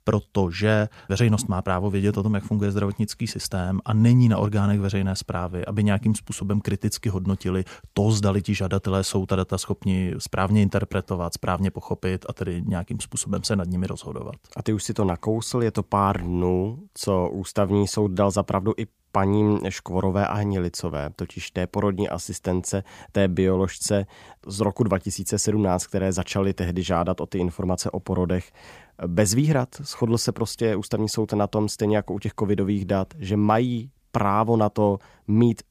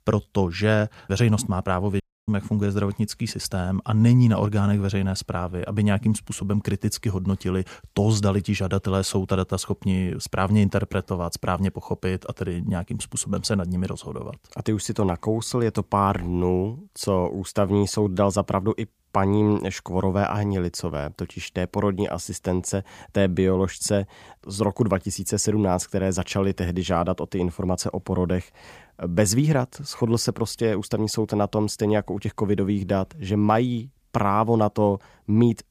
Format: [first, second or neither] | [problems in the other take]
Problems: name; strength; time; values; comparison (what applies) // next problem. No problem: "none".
first | audio cutting out; at 2 s